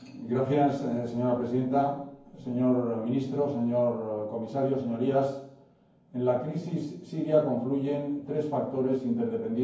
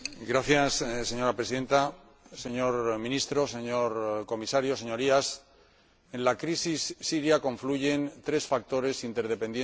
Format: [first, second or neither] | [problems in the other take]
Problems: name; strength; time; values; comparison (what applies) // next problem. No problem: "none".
second | room echo; dies away in 0.9 s